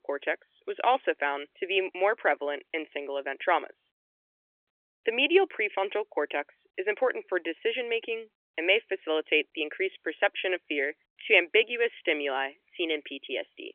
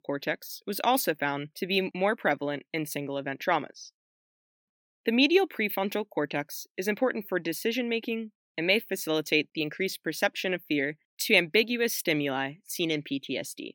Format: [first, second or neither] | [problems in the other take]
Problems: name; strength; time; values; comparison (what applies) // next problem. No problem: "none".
second | phone-call audio; nothing above 3 kHz